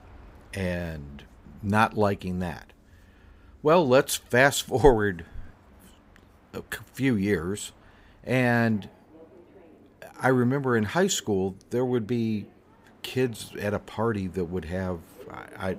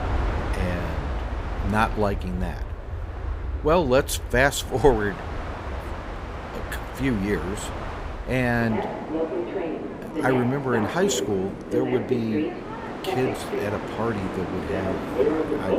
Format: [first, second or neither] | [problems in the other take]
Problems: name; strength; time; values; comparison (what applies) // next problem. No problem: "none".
first | train or aircraft noise; loud; throughout; 4 dB below the speech; faint in the first